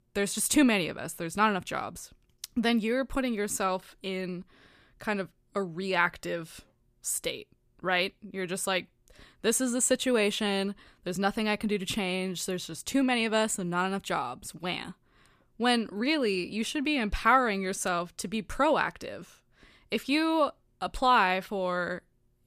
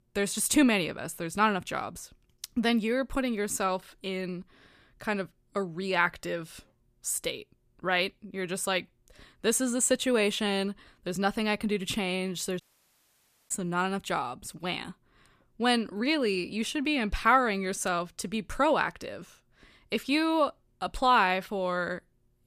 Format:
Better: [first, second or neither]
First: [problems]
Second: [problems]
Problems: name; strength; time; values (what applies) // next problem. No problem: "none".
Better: first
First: none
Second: audio cutting out; at 13 s for 1 s